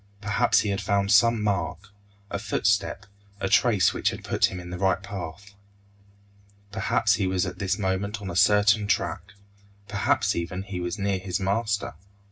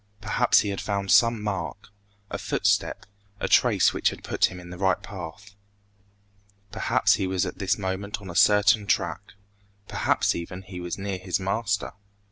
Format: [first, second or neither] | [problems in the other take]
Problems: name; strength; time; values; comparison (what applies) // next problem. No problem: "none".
second | room echo; dies away in 0.4 s